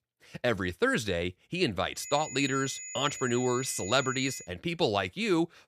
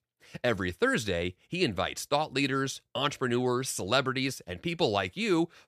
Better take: second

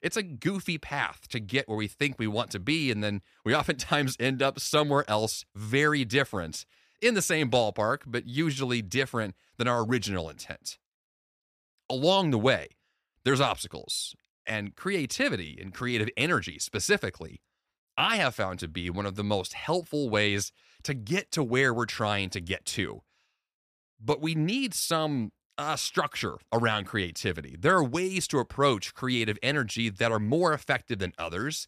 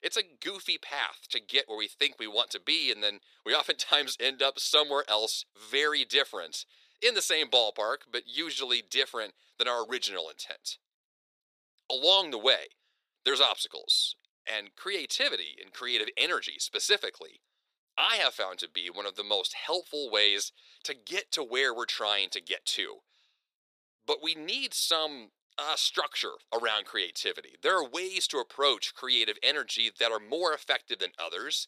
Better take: first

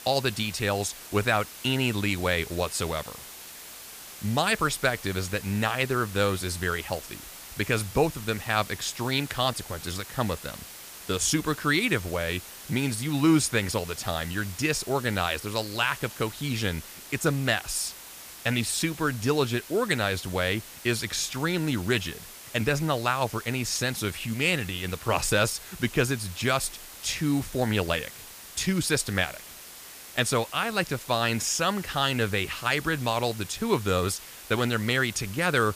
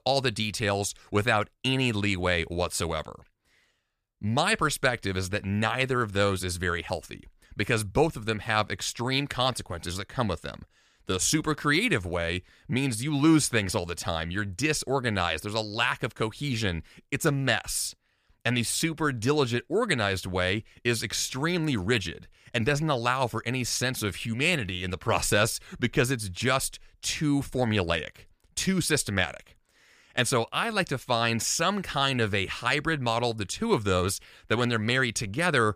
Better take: second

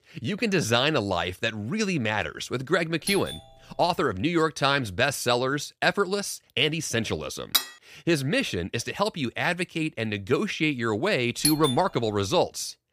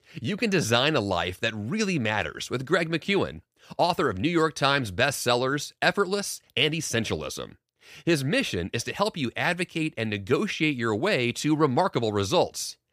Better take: second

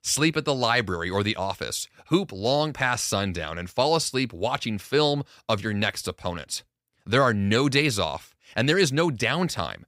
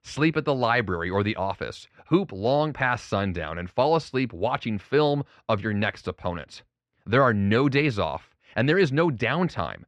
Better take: first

